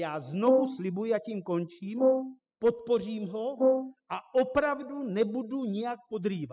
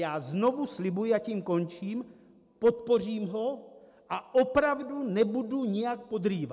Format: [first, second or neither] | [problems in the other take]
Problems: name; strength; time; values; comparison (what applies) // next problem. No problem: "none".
second | noise reduction (classical method spectral subtraction)